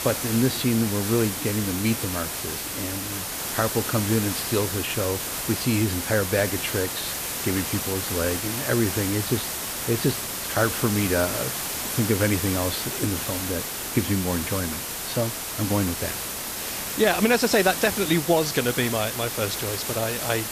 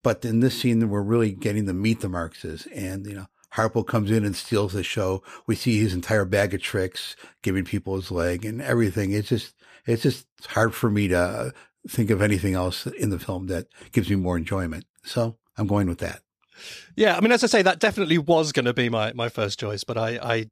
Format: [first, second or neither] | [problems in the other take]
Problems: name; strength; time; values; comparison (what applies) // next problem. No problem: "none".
second | hiss; loud; throughout; 2 dB below the speech